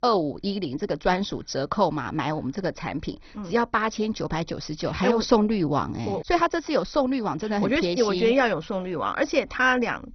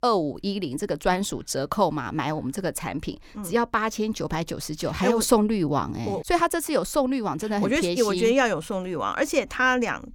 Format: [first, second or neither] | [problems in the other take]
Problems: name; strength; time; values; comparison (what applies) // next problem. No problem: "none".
second | garbled, watery; badly; nothing above 6 kHz